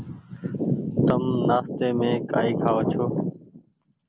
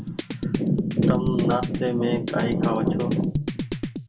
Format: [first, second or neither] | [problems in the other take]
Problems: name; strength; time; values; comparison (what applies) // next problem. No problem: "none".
first | background sound (Drum kit); 5 dB below the speech // room echo; dies away in 0.2 s